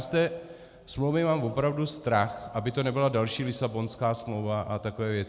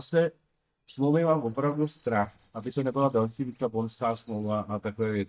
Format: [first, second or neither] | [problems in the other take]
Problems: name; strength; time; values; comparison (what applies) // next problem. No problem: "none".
first | noise reduction (neural mask model DeepFilterNet 3)